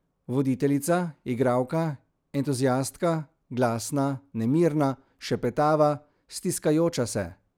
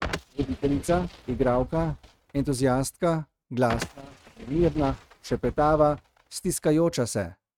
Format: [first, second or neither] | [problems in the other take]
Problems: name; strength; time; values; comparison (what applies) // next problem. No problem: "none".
first | noise reduction (neural mask model RNNoise)